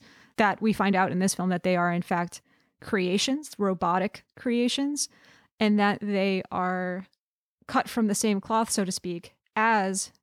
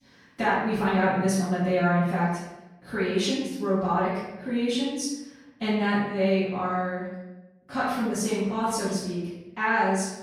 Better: first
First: none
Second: off-mic speech; far // room echo; strong; dies away in 0.9 s

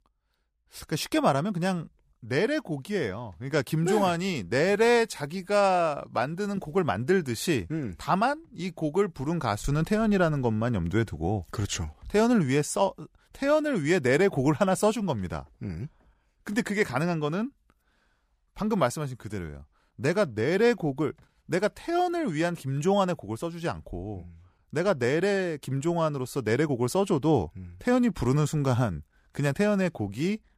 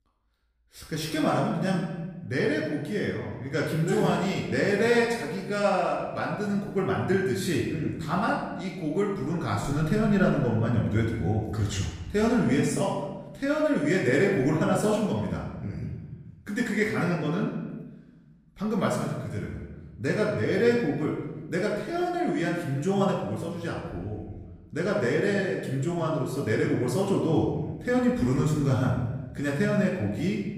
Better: first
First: none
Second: off-mic speech; far // room echo; noticeable; dies away in 1.1 s

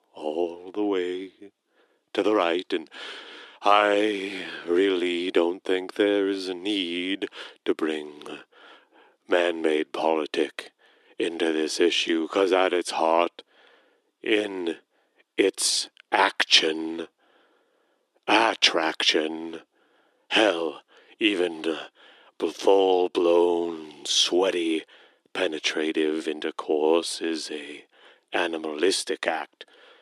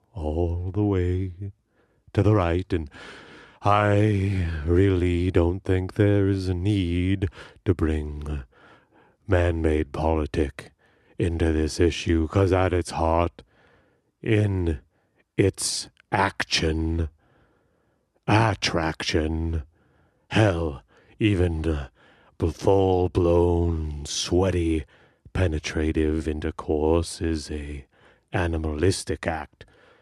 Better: second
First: thin; somewhat; fading below 300 Hz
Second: none

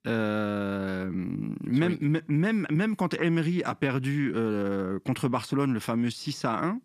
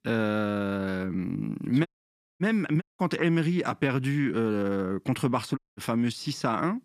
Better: first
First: none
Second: audio cutting out; at 2 s for 0.5 s, at 3 s and at 5.5 s

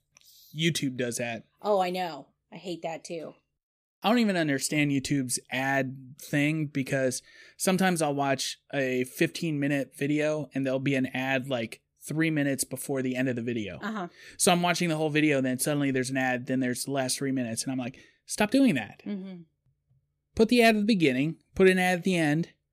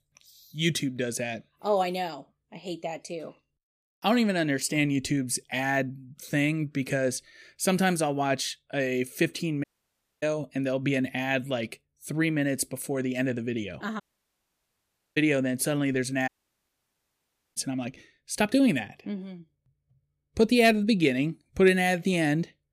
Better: first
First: none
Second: audio cutting out; at 9.5 s for 0.5 s, at 14 s for 1 s and at 16 s for 1.5 s

